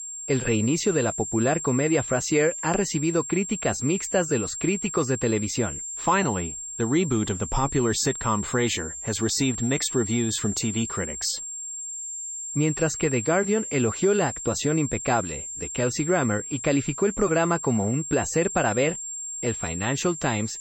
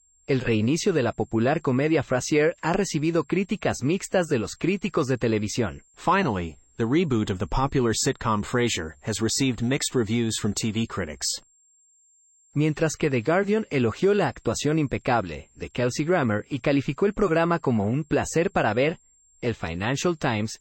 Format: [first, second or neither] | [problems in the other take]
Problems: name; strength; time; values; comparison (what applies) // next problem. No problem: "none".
second | high-pitched whine; loud; throughout; 7.5 kHz, 7 dB below the speech; faint in the second